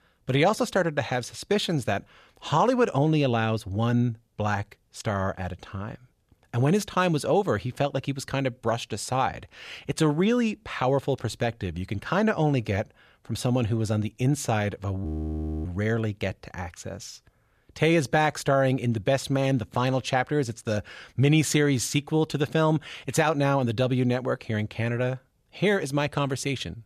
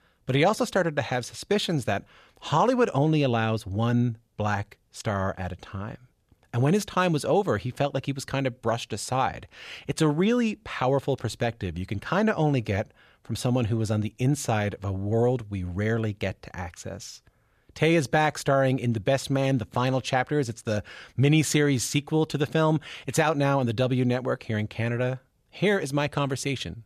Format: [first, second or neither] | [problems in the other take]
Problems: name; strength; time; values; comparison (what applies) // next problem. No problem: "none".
second | audio freezing; at 15 s for 0.5 s